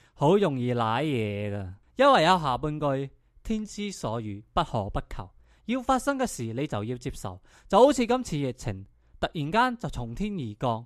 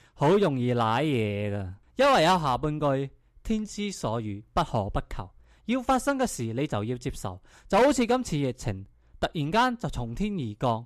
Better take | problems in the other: first | distortion; slight; 3% of the sound clipped

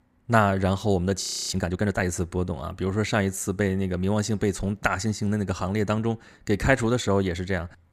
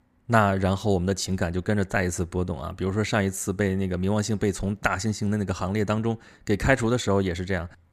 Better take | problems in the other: second | audio freezing; at 1 s

